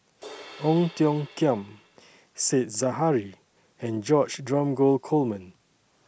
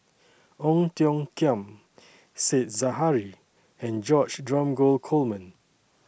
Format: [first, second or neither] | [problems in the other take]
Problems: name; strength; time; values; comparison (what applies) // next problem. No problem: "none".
second | background sound (Crash cymbal); 19 dB below the speech